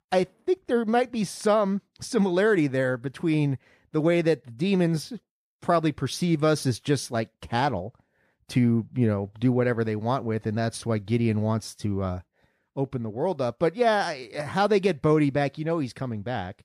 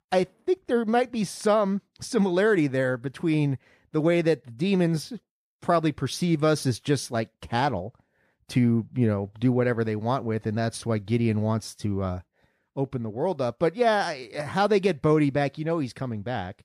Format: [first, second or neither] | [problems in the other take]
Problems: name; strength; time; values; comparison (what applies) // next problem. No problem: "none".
neither | none